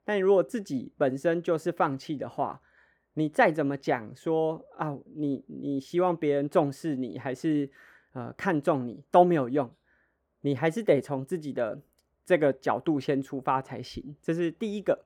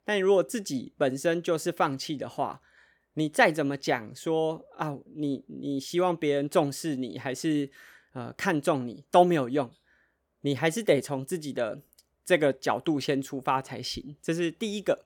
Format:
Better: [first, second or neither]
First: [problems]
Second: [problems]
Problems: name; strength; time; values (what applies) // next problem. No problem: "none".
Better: second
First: muffled; slightly; fading above 2.5 kHz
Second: none